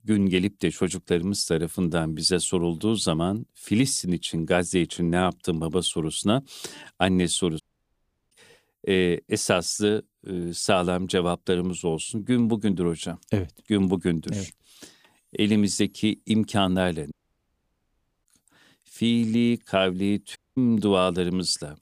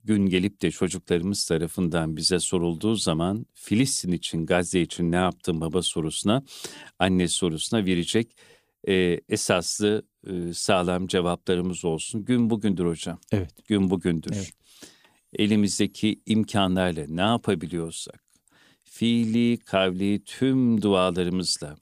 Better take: second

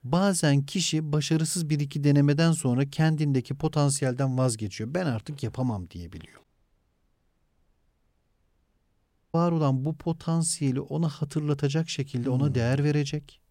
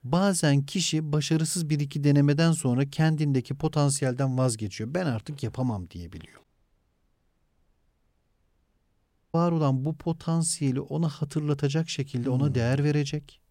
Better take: neither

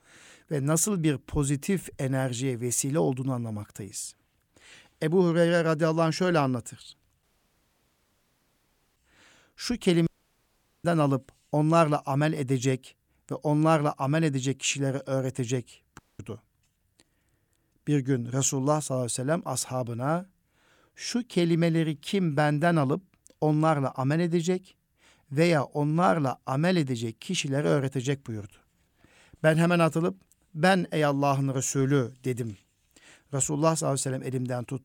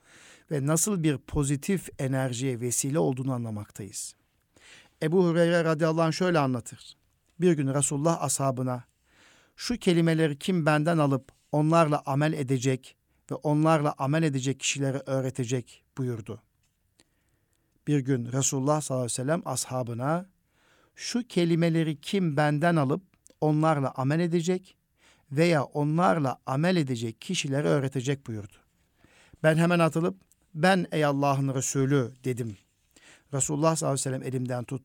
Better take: second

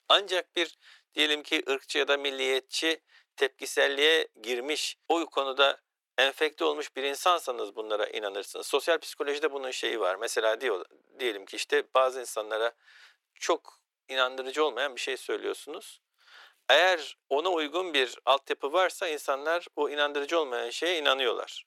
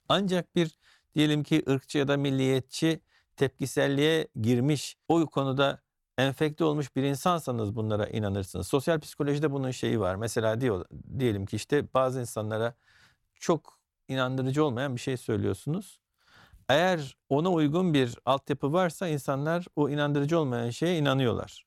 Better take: second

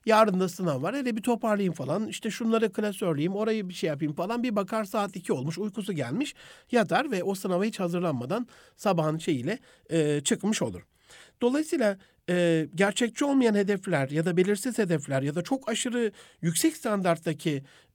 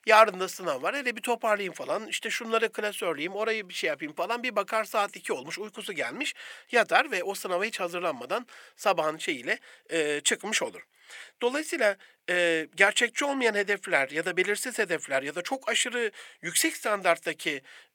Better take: first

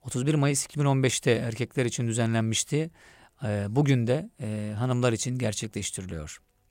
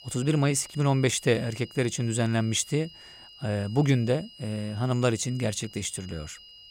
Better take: first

